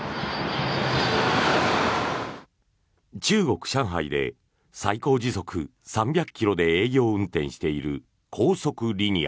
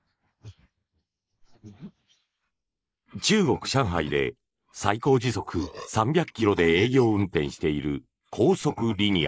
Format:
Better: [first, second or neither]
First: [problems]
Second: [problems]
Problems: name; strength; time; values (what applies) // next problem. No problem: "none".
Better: first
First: none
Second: noise reduction (neural mask model Resemble Enhance denoiser)